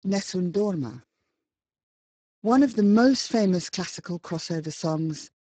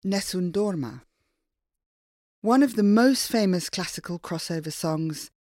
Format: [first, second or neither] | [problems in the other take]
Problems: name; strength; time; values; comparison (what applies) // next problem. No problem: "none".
second | garbled, watery; badly; nothing above 7.5 kHz